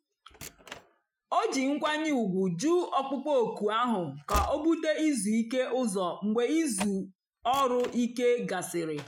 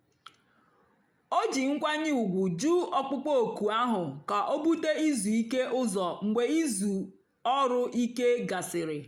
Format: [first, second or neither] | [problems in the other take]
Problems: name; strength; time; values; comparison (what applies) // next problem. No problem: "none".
second | noise reduction (classical method Wiener filter)